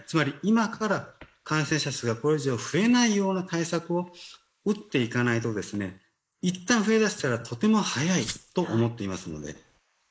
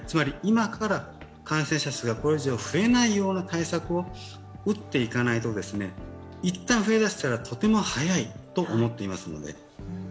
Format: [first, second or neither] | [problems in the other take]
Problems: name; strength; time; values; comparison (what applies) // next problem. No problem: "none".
second | noise reduction (neural mask model Resemble Enhance denoiser)